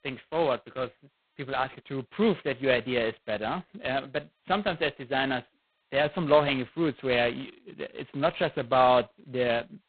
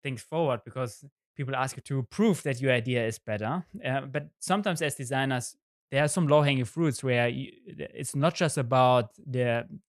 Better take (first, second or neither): second